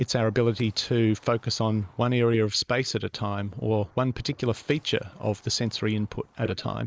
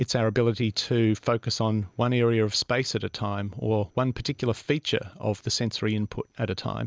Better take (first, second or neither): second